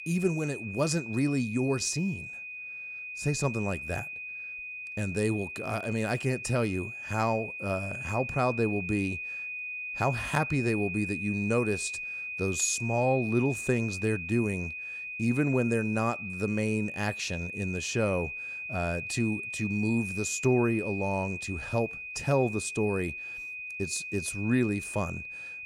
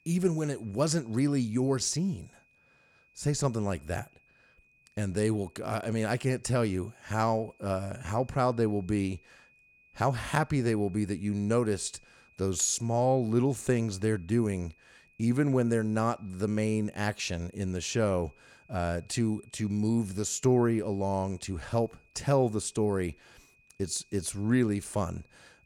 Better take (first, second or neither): second